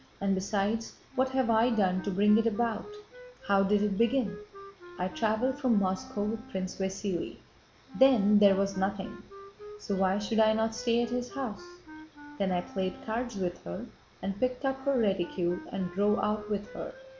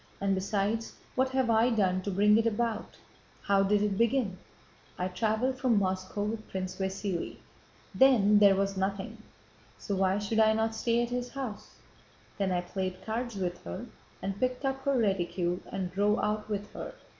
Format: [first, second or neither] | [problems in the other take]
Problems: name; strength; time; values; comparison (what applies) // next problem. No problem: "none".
second | background sound (Wind instrument, woodwind instrument); 18 dB below the speech